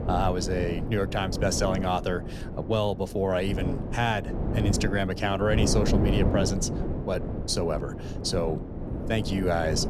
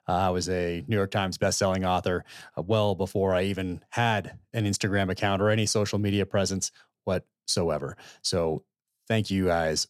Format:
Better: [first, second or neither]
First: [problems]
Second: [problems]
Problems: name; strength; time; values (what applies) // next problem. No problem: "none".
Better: second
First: wind noise on the microphone; heavy; 8 dB below the speech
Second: none